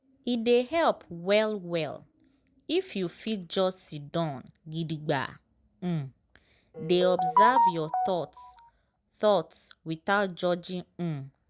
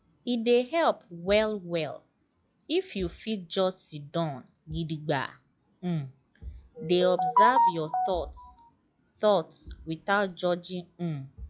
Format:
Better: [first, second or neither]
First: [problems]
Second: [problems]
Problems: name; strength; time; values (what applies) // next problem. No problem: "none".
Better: first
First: none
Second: noise reduction (classical method log-MMSE)